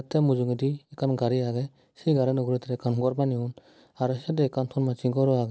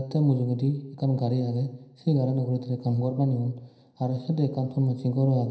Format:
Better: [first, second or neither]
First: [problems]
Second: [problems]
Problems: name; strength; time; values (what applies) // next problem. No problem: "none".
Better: first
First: none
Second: room echo; dies away in 0.9 s